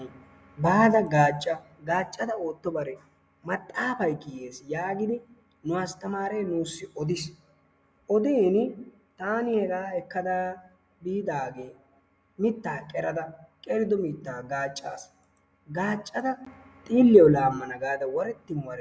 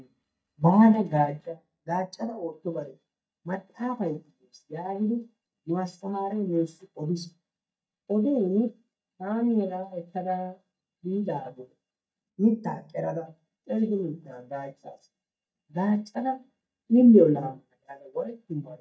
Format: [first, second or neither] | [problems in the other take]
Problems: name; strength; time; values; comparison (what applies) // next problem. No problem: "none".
first | noise reduction (neural mask model DeepFilterNet 3)